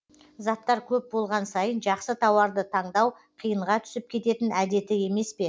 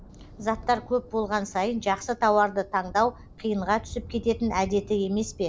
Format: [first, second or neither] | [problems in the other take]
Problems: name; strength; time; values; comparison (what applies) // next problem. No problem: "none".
first | background sound (Thunder); 17 dB below the speech